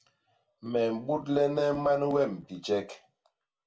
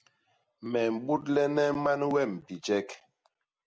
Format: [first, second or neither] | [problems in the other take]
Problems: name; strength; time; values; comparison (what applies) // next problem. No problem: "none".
second | room echo; dies away in 0.2 s